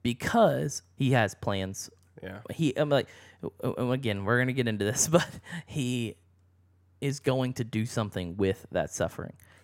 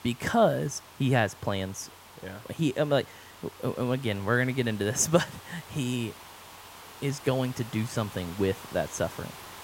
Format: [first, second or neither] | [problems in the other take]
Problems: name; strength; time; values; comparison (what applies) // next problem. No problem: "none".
first | hiss; noticeable; throughout; 15 dB below the speech